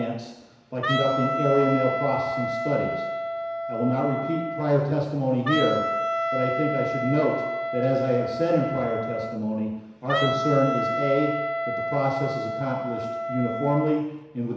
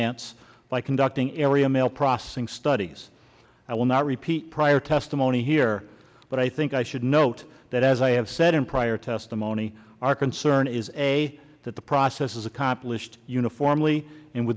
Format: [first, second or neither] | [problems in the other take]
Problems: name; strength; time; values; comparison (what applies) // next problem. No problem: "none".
second | background sound (Wind instrument, woodwind instrument); 3 dB below the speech // room echo; dies away in 1 s